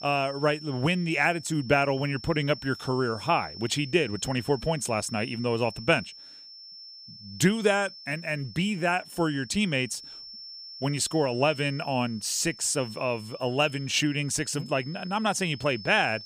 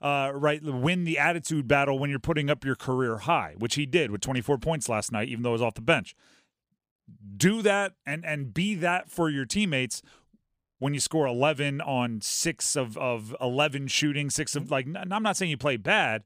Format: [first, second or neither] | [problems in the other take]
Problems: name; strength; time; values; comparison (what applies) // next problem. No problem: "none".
second | high-pitched whine; noticeable; throughout; 5.5 kHz, 15 dB below the speech